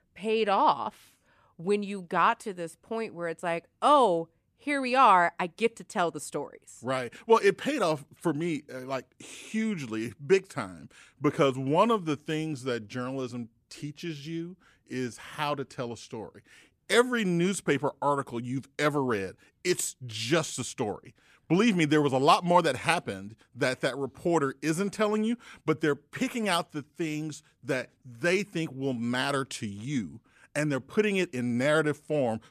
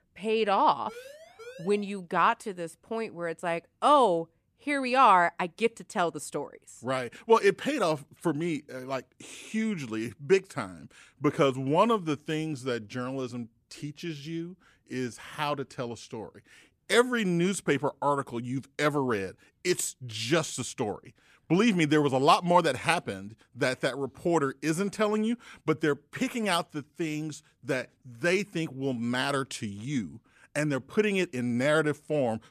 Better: first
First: none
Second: siren; faint; at 1 s; peak 20 dB below the speech

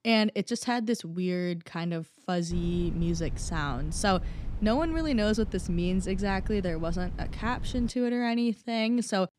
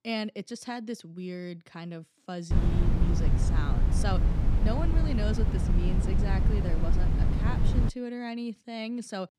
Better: first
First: wind noise on the microphone; occasional gusts; from 2.5 to 8 s; 20 dB below the speech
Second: wind noise on the microphone; heavy; from 2.5 to 8 s; 1 dB below the speech

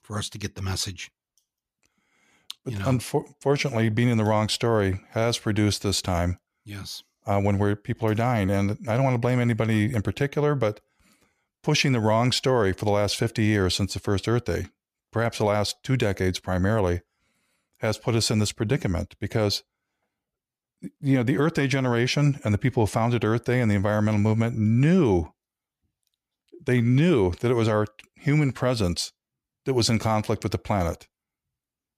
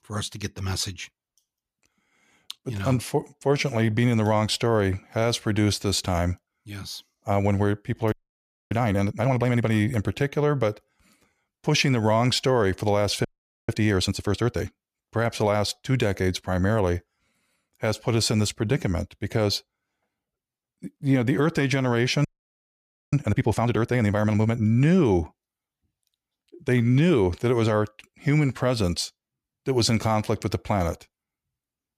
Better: first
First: none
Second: audio freezing; at 8 s for 0.5 s, at 13 s and at 22 s for 1 s

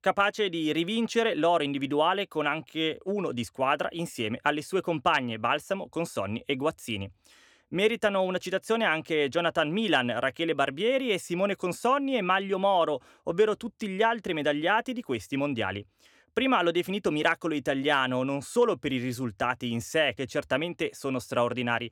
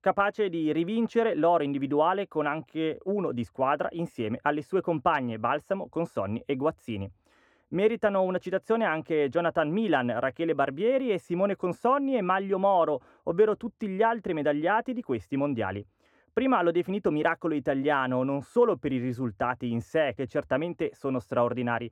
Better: first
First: none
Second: muffled; very; fading above 2 kHz

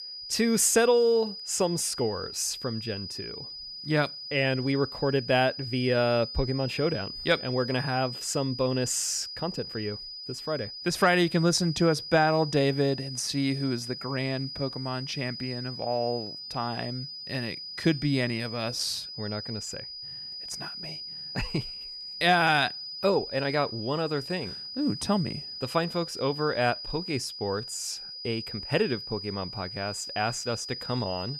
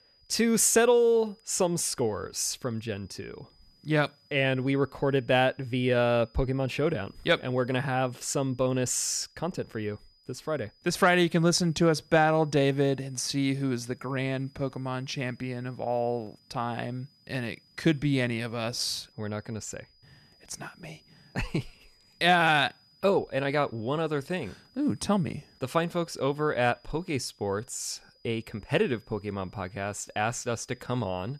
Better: second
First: high-pitched whine; loud; throughout; 5 kHz, 8 dB below the speech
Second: high-pitched whine; faint; throughout; 5 kHz, 30 dB below the speech

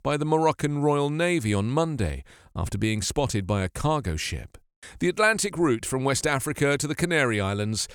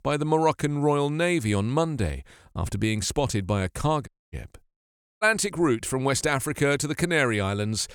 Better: first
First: none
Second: audio cutting out; at 4 s and at 4.5 s for 0.5 s

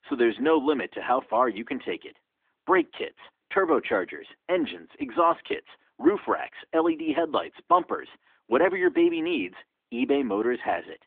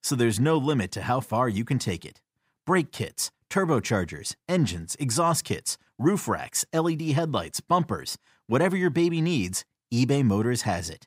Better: second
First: phone-call audio; nothing above 3.5 kHz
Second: none

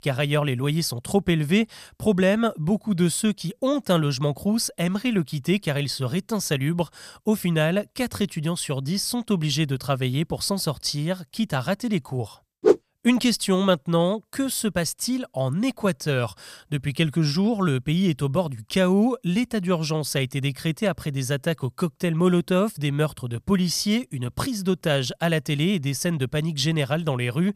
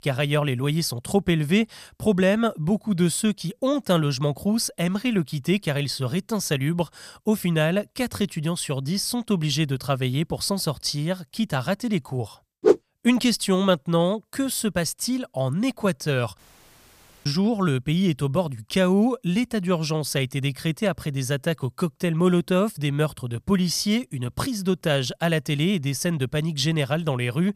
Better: first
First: none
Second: audio cutting out; at 16 s for 1 s

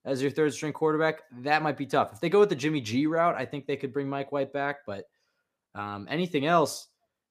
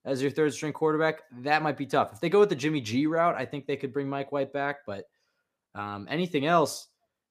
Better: neither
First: none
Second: none

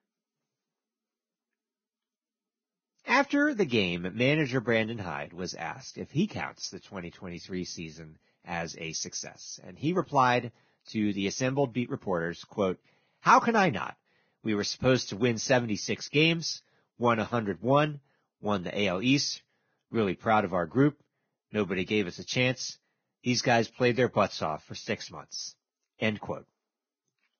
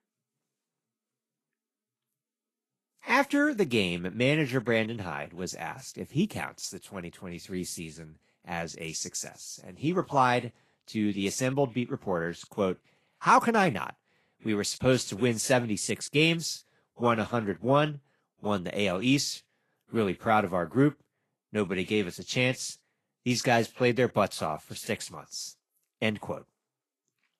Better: second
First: garbled, watery; badly; nothing above 6.5 kHz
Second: garbled, watery; slightly; nothing above 12.5 kHz

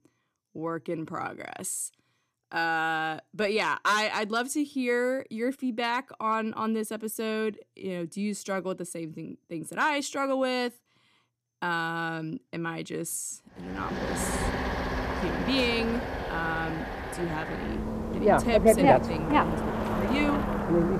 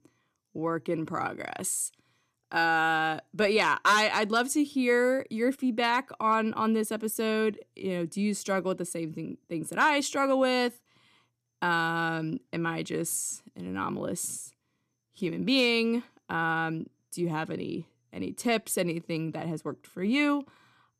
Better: second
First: traffic noise; very loud; from 14 s on; 3 dB above the speech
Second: none

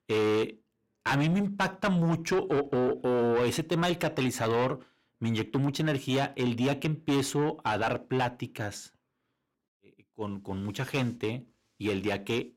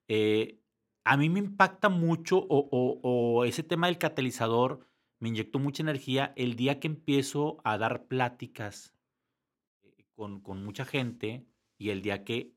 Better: second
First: distortion; heavy; 7 dB below the speech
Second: none

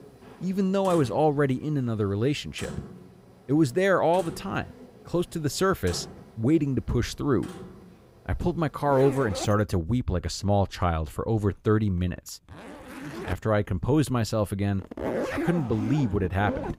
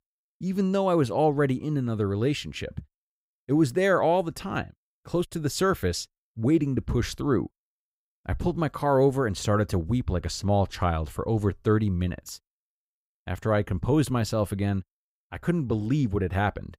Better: second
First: household noises; noticeable; throughout; 10 dB below the speech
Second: none

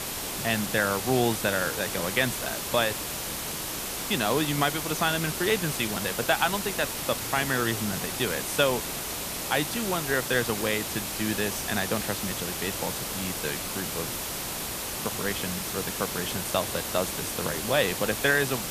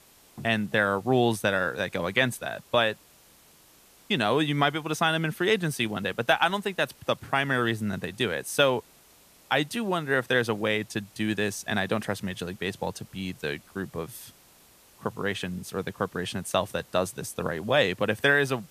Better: second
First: hiss; loud; throughout; 2 dB below the speech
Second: hiss; faint; throughout; 25 dB below the speech

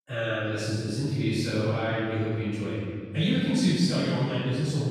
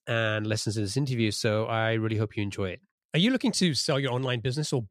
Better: second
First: off-mic speech; far // room echo; strong; dies away in 2.4 s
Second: none

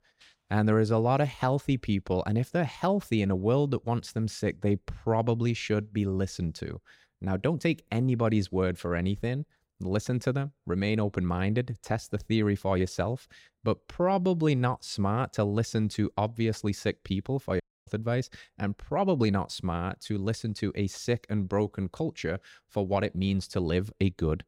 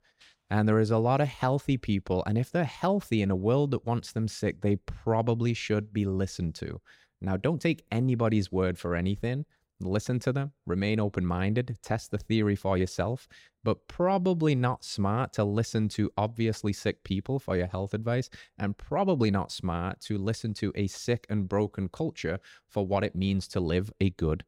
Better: second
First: audio cutting out; at 18 s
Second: none

